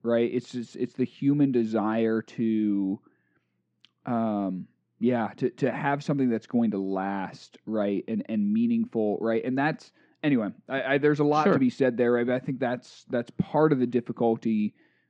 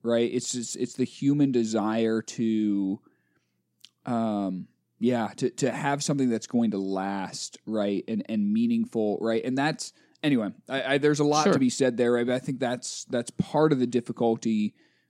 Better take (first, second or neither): second